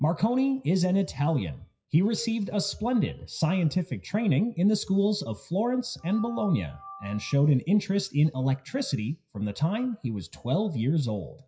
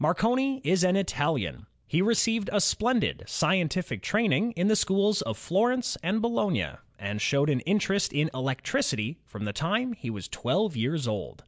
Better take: second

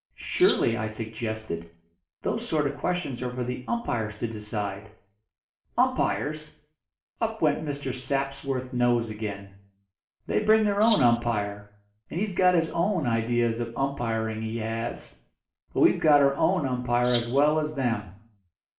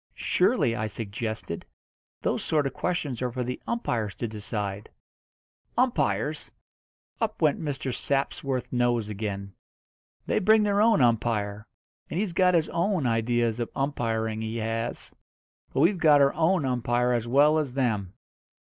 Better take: second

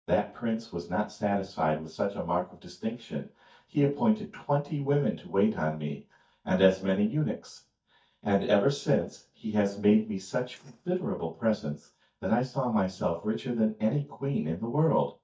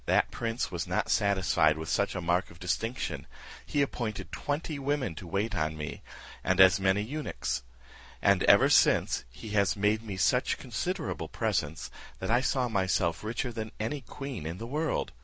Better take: second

